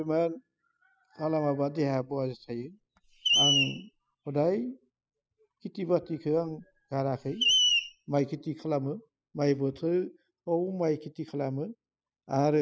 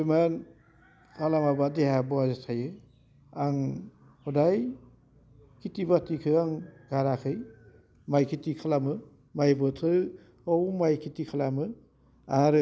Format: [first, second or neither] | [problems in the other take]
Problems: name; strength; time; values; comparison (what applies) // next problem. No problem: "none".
second | noise reduction (classical method spectral subtraction)